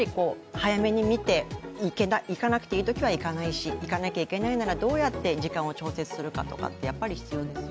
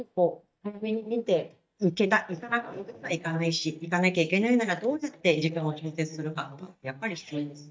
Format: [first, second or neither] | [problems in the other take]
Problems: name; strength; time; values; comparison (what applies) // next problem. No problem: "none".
first | noise reduction (neural mask model DeepFilterNet 3)